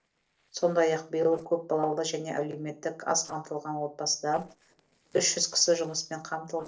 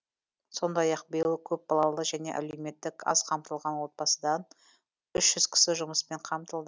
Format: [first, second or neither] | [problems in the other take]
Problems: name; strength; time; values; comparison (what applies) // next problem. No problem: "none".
second | noise reduction (neural separator model SepFormer DNS4)